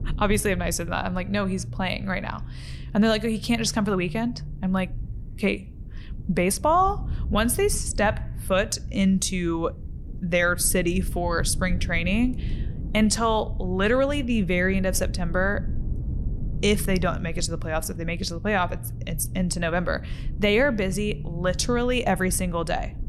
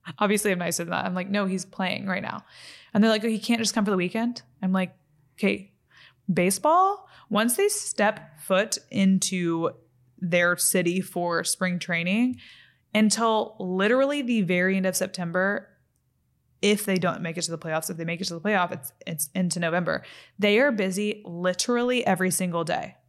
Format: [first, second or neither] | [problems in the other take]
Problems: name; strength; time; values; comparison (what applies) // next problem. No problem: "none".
second | low rumble; faint; throughout; 20 dB below the speech